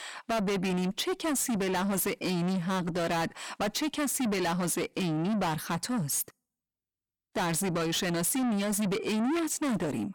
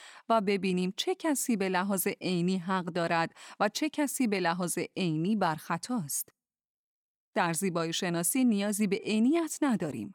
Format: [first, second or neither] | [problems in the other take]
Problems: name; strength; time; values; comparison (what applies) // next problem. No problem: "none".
second | distortion; heavy; 6 dB below the speech